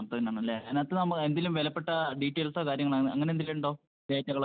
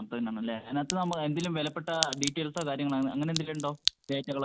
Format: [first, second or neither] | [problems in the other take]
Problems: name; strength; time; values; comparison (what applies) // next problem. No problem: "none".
first | background sound (Crack); 7 dB below the speech